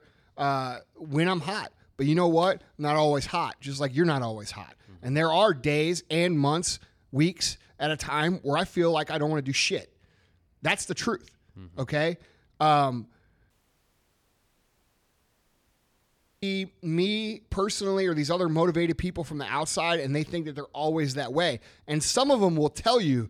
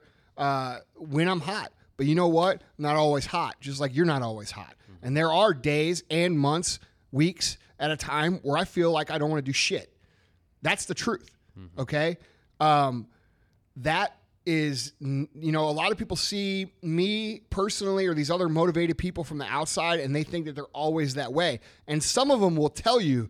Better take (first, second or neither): second